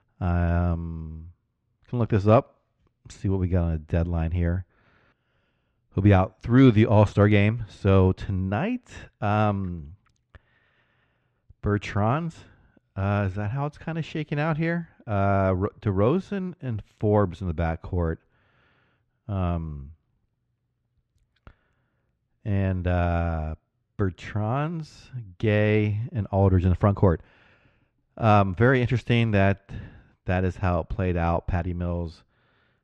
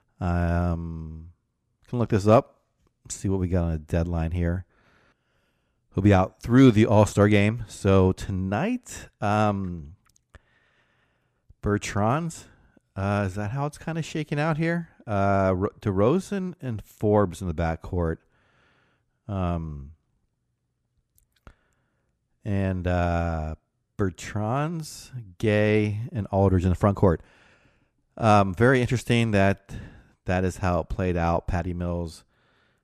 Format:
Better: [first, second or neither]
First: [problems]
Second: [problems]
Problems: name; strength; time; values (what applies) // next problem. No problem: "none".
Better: second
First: muffled; slightly; fading above 3 kHz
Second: none